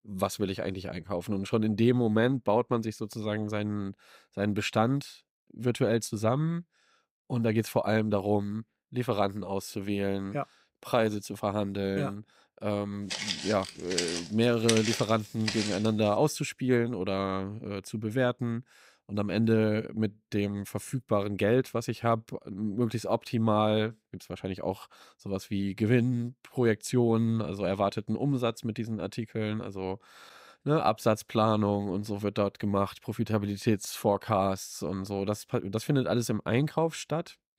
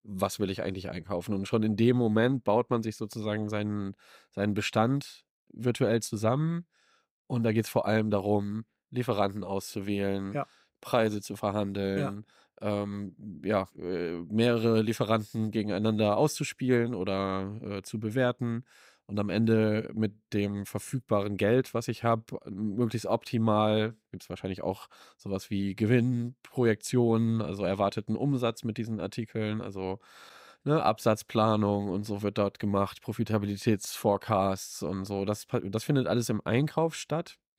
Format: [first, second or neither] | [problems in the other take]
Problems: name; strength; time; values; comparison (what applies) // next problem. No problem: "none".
second | footsteps; loud; from 13 to 16 s; peak level with the speech